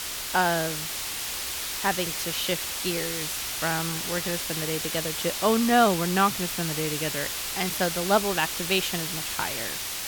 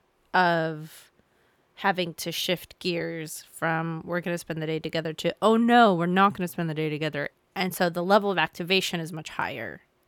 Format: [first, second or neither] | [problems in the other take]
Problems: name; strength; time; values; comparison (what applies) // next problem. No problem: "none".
second | hiss; loud; throughout; 2 dB below the speech